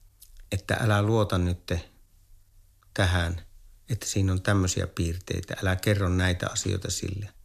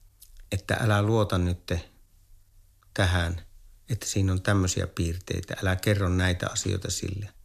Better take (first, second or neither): neither